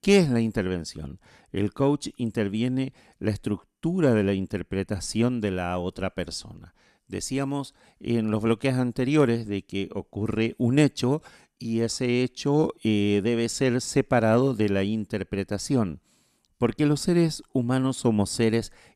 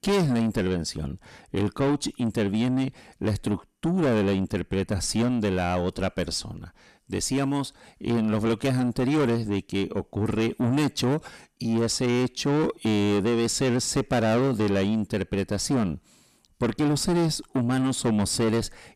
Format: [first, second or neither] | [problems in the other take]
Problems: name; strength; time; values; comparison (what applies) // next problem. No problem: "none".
first | distortion; heavy; 7 dB below the speech